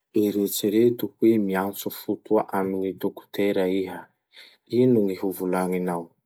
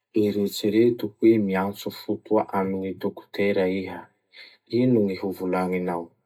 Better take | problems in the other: first | room echo; dies away in 0.2 s

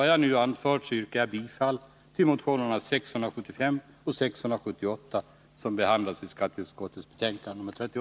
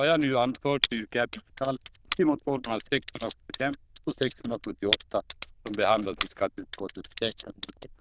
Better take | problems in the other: first | noise reduction (neural diffusion model UNIVERSE++)

